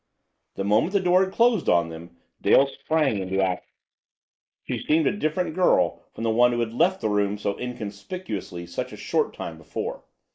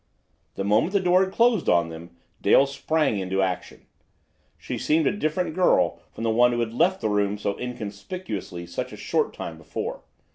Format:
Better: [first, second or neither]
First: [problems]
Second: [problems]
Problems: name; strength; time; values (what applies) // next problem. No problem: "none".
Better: second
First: noise reduction (neural mask model Resemble Enhance denoiser)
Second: none